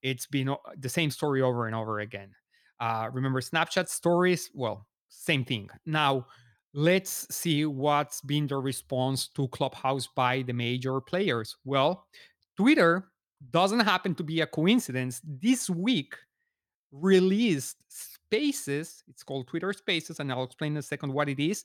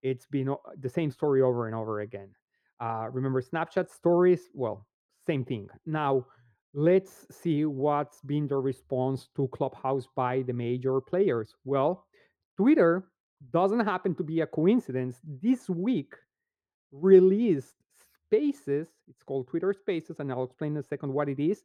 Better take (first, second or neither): first